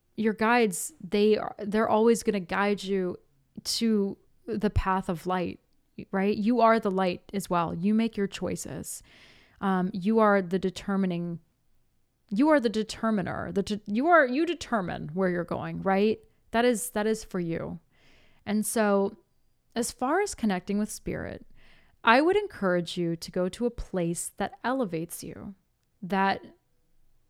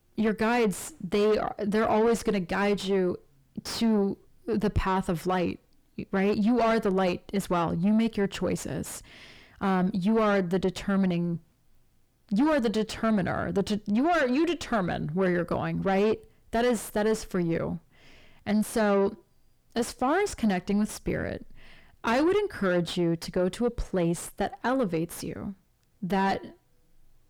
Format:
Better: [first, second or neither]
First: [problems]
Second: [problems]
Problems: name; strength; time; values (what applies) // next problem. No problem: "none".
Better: first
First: none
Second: distortion; heavy; 6 dB below the speech